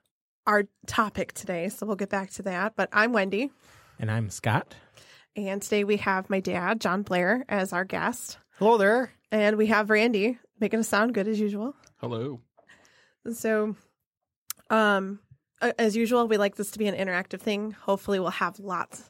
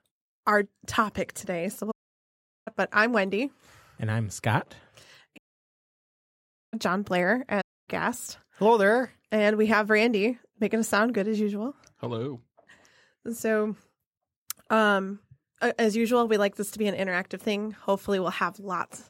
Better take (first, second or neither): first